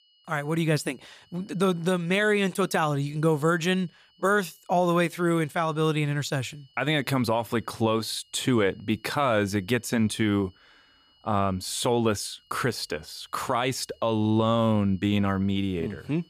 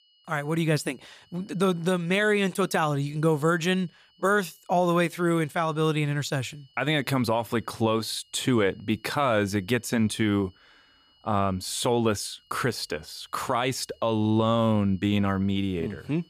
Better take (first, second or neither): neither